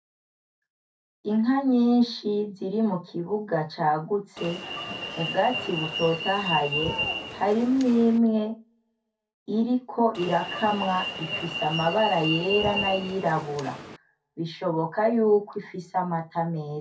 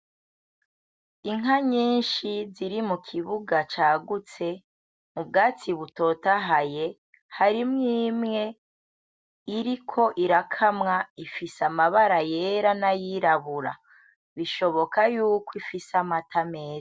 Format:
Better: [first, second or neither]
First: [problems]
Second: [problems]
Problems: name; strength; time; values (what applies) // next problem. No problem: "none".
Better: second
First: background sound (Alarm); 6 dB below the speech // room echo; dies away in 0.3 s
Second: none